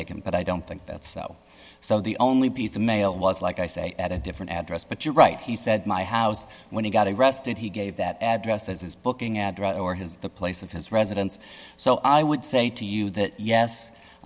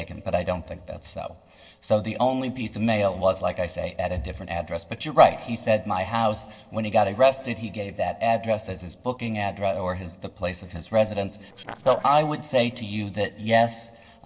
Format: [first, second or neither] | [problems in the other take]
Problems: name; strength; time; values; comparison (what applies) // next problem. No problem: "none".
first | noise reduction (neural separator model SepFormer DNS4)